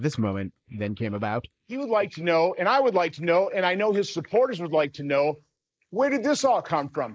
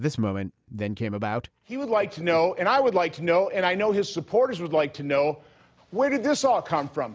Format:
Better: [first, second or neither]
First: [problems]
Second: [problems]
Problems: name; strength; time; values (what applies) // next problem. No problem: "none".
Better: second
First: noise reduction (neural mask model Resemble Enhance denoiser)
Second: none